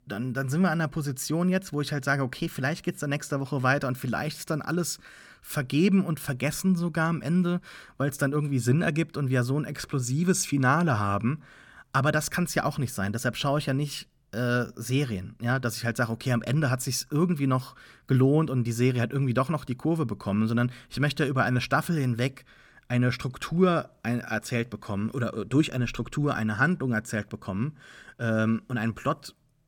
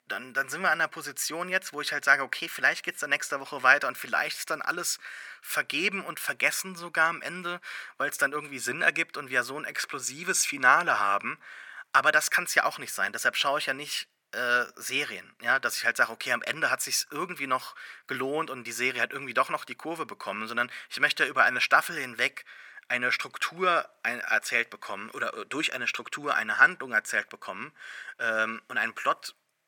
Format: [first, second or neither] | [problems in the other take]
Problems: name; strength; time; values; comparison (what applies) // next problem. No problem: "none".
first | thin; very; fading below 650 Hz